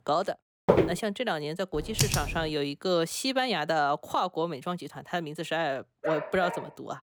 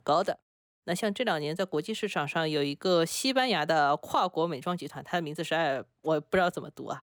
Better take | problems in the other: second | footsteps; loud; at 0.5 s; peak 6 dB above the speech // keyboard typing; loud; at 2 s; peak 3 dB above the speech // dog barking; noticeable; at 6 s; peak 5 dB below the speech

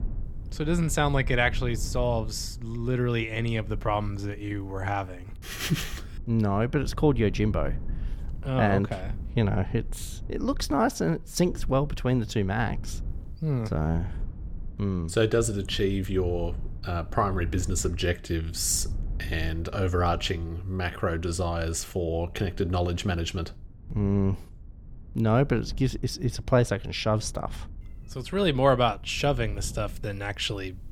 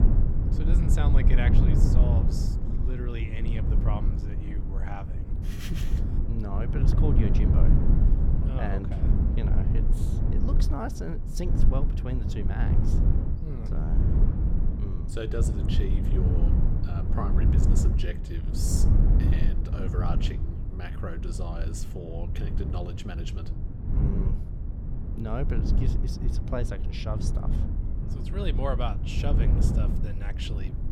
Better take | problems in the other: first | low rumble; loud; throughout; 1 dB below the speech; faint in the first

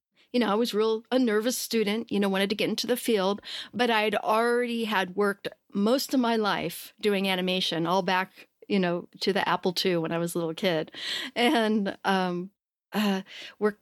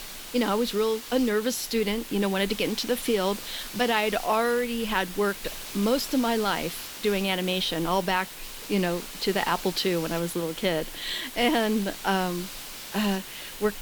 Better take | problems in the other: first | hiss; noticeable; throughout; 10 dB below the speech

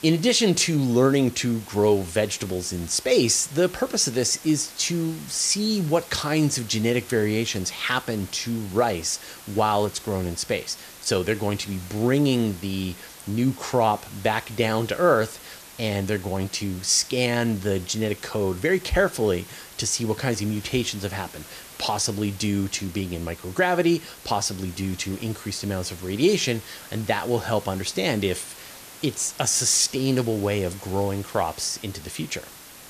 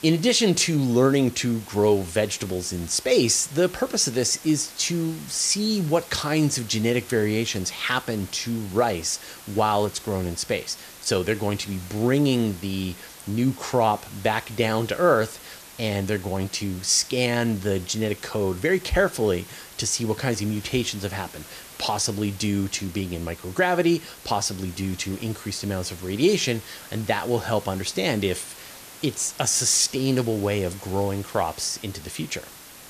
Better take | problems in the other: neither | hiss; noticeable; throughout; 15 dB below the speech; the same in both

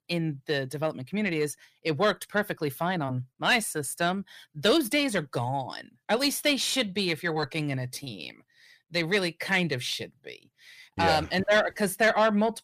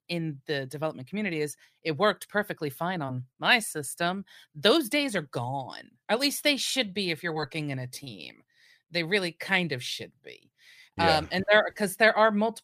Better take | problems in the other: second | distortion; slight; 10 dB below the speech

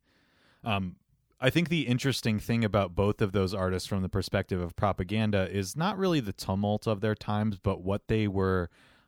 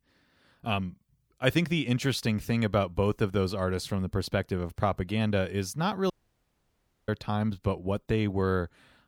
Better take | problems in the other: first | audio cutting out; at 6 s for 1 s

